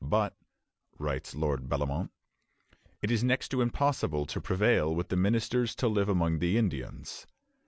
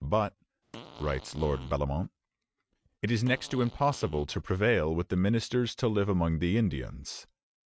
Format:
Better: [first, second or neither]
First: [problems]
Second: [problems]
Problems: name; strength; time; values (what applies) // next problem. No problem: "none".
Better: first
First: none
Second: noise reduction (neural mask model RNNoise)